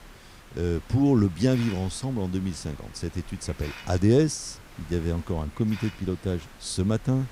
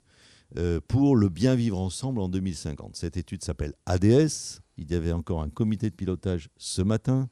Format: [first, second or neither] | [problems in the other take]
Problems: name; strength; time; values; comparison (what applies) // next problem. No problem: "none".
second | hiss; noticeable; throughout; 20 dB below the speech